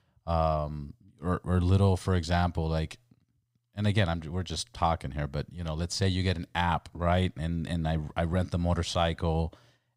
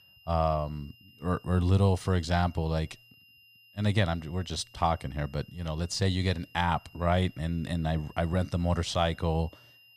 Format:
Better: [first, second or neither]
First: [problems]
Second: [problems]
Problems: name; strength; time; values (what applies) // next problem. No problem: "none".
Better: first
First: none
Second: high-pitched whine; faint; throughout; 3 kHz, 25 dB below the speech